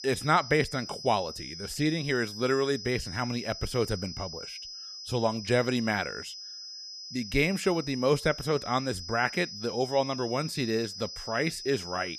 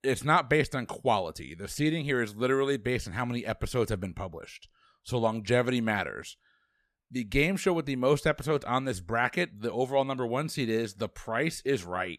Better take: second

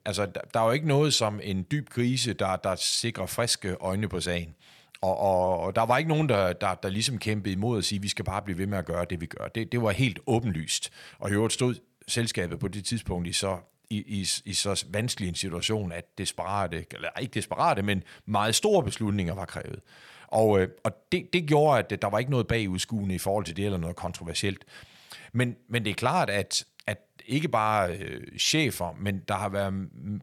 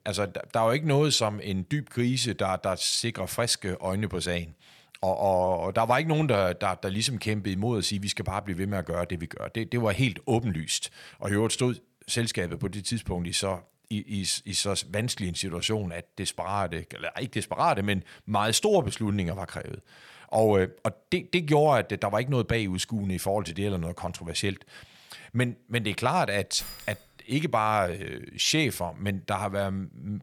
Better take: first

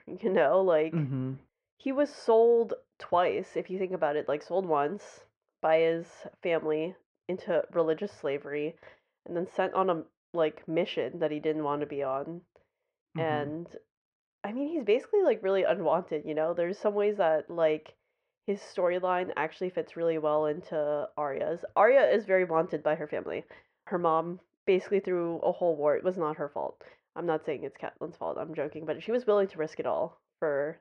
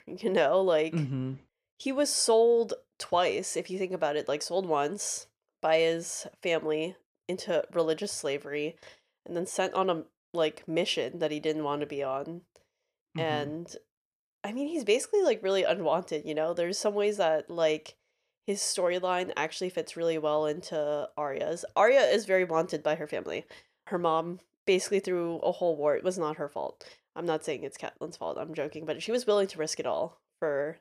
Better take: second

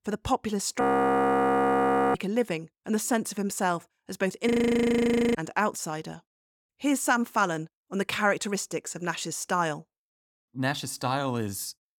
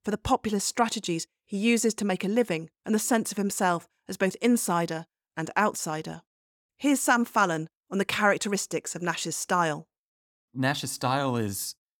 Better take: second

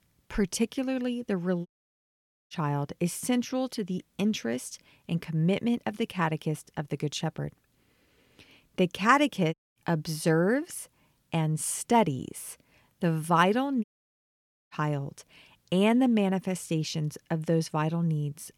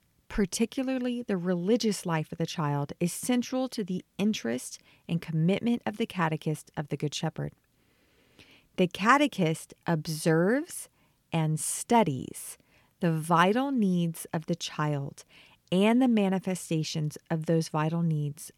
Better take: second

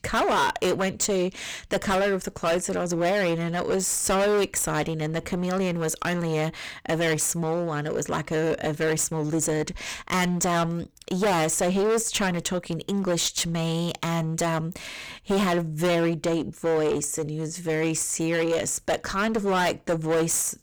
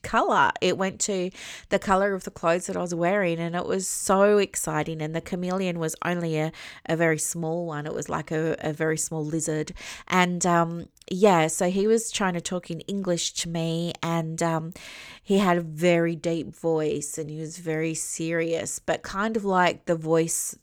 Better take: second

